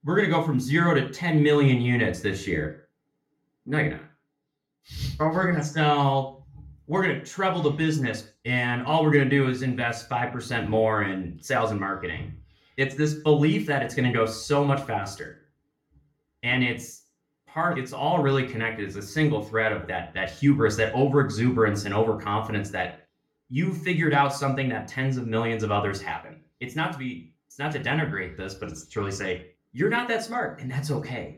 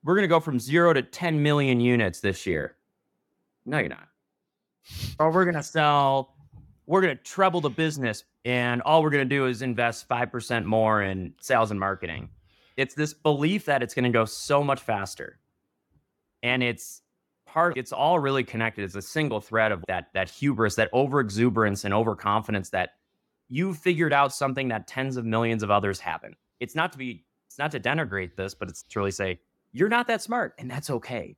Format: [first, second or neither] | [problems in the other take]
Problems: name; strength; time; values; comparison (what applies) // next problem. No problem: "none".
second | room echo; very slight; dies away in 0.3 s // off-mic speech; far